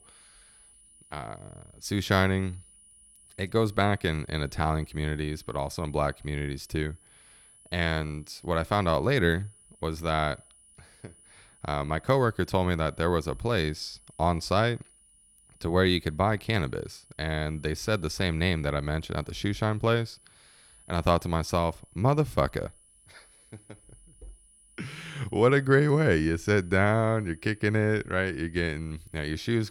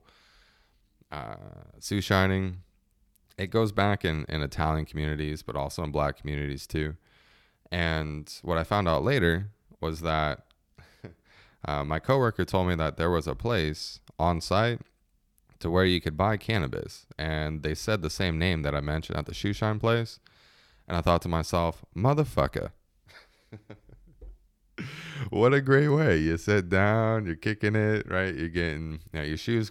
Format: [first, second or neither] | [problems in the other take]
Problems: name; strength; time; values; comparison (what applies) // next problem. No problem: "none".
second | high-pitched whine; faint; throughout; 10 kHz, 30 dB below the speech